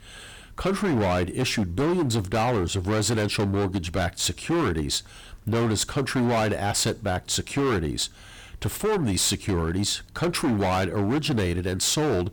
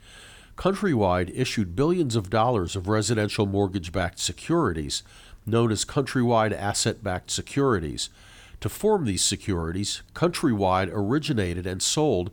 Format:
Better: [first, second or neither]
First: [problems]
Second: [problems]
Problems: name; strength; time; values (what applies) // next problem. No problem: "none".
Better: second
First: distortion; heavy; 19% of the sound clipped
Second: none